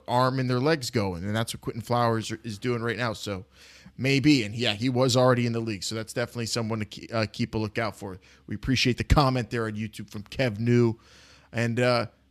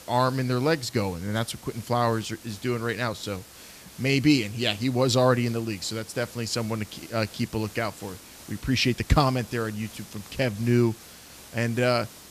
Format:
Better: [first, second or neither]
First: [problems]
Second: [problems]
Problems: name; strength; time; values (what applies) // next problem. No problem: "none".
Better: first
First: none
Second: hiss; noticeable; throughout; 20 dB below the speech